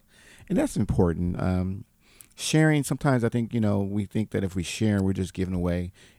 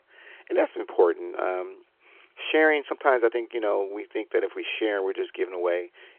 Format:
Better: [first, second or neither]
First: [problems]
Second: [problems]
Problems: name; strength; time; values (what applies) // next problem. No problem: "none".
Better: first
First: none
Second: phone-call audio; nothing above 3.5 kHz